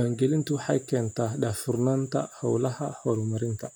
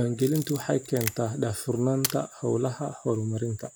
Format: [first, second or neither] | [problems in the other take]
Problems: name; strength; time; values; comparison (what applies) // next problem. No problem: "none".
first | background sound (Camera); 10 dB below the speech